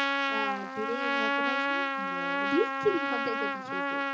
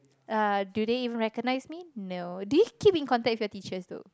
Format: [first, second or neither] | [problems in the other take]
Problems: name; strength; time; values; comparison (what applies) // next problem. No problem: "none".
second | background sound (Trumpet); 5 dB above the speech // room echo; dies away in 0.2 s